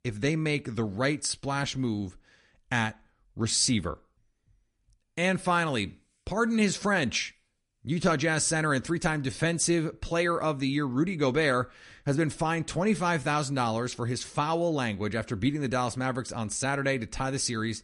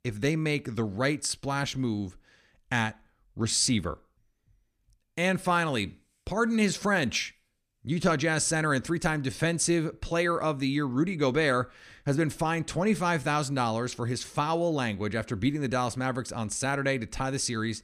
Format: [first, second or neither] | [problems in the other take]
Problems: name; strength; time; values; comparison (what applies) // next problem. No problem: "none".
second | garbled, watery; slightly; nothing above 10 kHz